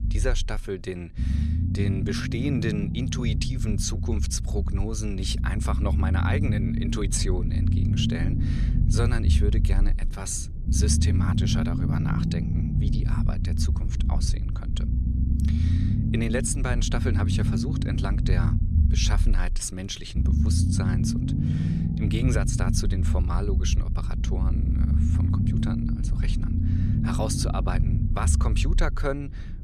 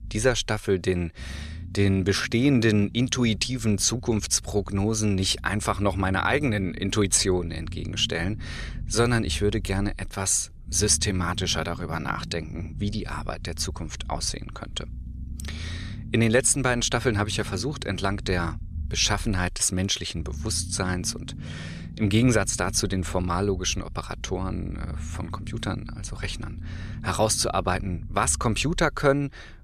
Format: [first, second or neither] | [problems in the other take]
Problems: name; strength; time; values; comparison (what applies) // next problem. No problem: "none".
second | low rumble; loud; throughout; 4 dB below the speech; faint in the second